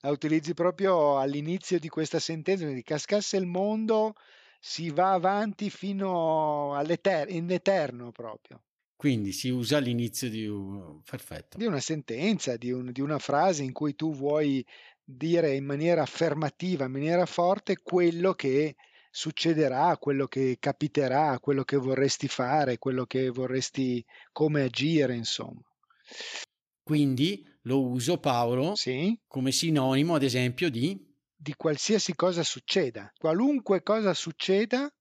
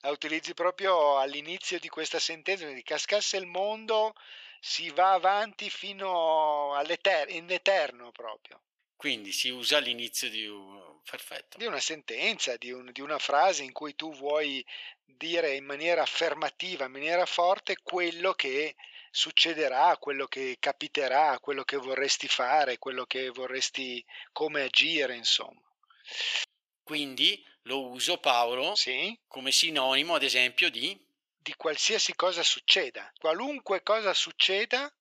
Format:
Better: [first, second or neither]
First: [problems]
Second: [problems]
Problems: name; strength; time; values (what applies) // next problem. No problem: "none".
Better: first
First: none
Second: thin; very; fading below 700 Hz